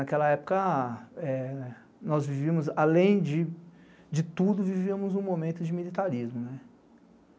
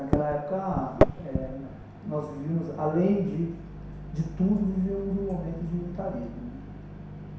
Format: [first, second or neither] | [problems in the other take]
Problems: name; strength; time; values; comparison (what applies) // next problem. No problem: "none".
first | background sound (Microwave oven); 3 dB below the speech // room echo; dies away in 0.7 s